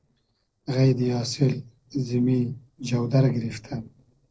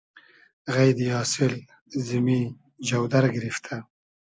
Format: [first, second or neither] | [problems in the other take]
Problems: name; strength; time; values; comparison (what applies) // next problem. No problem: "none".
second | noise reduction (neural separator model SepFormer DNS4)